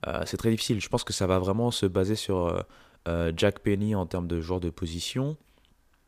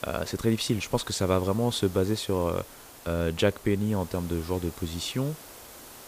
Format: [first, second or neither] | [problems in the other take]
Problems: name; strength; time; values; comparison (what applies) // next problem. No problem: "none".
first | hiss; noticeable; throughout; 15 dB below the speech